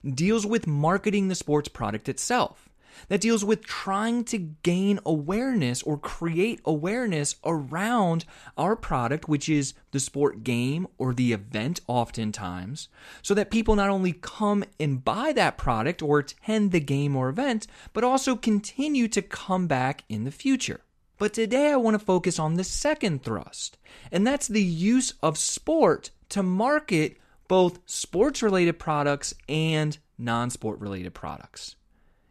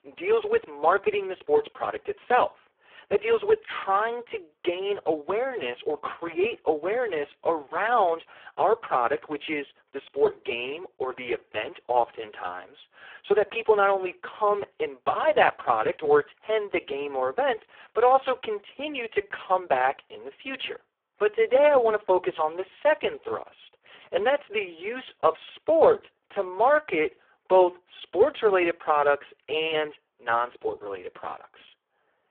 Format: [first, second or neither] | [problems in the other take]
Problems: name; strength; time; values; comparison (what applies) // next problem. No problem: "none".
first | phone-call audio; poor line